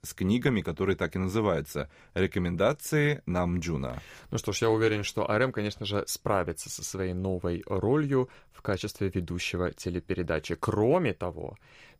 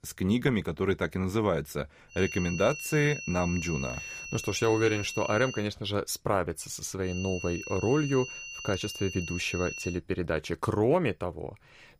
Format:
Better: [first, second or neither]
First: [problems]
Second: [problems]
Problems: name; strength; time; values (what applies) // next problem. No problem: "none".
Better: first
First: none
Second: high-pitched whine; loud; from 2 to 5.5 s and from 7 to 10 s; 2.5 kHz, 8 dB below the speech